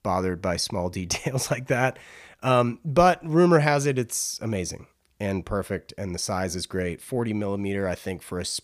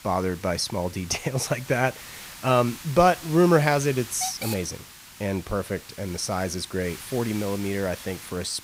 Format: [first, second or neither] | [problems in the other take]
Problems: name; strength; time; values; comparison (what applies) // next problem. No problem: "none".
first | hiss; noticeable; throughout; 15 dB below the speech